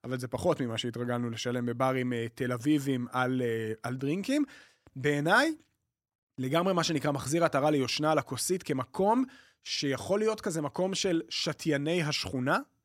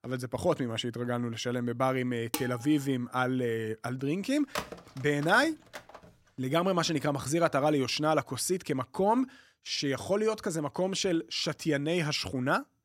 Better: first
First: none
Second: clattering dishes; noticeable; at 2.5 s; peak 7 dB below the speech // phone ringing; noticeable; from 4.5 to 6 s; peak 8 dB below the speech

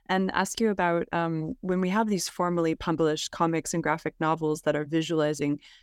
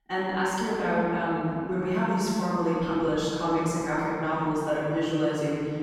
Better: first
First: none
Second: off-mic speech; far // room echo; strong; dies away in 2.9 s

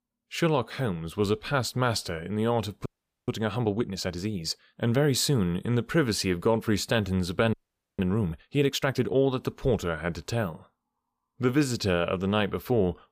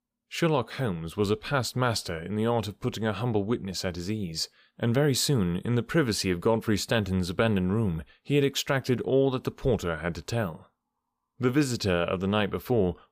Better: second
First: audio freezing; at 3 s and at 7.5 s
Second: none

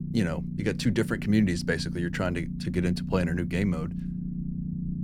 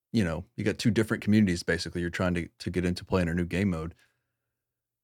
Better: second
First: low rumble; noticeable; throughout; 10 dB below the speech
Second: none

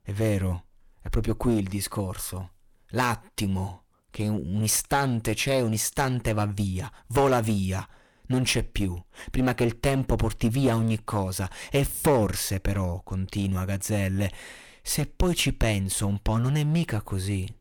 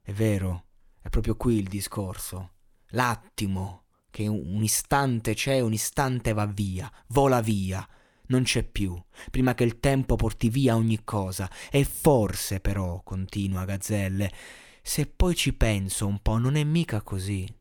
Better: second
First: distortion; slight; 6% of the sound clipped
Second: none

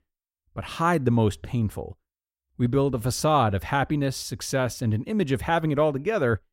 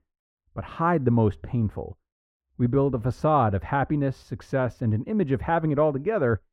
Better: first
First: none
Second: muffled; very; fading above 3 kHz

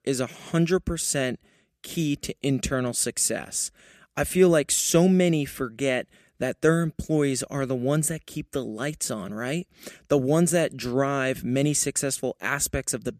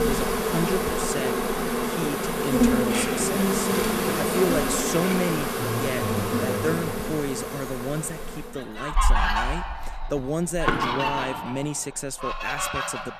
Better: first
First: none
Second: animal sounds; very loud; throughout; 4 dB above the speech

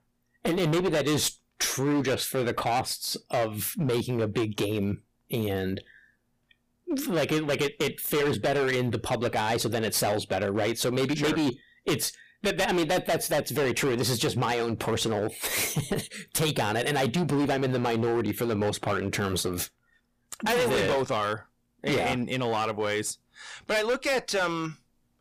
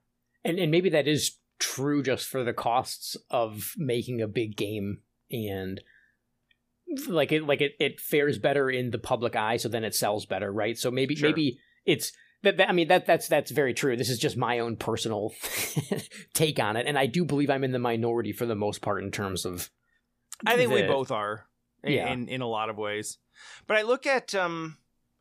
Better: second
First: distortion; heavy; 18% of the sound clipped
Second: none

